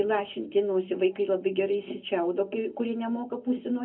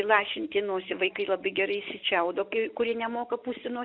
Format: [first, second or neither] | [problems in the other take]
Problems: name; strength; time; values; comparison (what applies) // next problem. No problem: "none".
second | room echo; dies away in 0.3 s